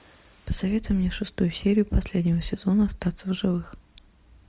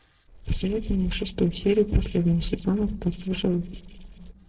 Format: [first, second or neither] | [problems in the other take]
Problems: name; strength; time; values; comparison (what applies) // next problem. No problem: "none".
first | noise reduction (neural separator model SepFormer DNS4)